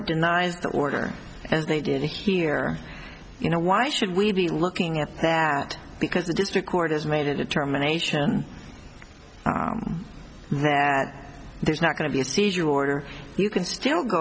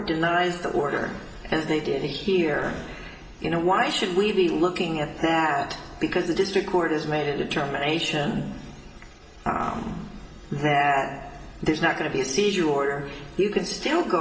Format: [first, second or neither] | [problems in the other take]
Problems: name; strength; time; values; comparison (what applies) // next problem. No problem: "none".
first | background sound (Boom); 19 dB below the speech // room echo; dies away in 1 s